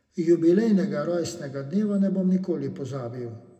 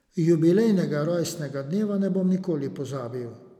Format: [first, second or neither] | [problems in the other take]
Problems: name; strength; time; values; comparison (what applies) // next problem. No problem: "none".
second | room echo; dies away in 0.2 s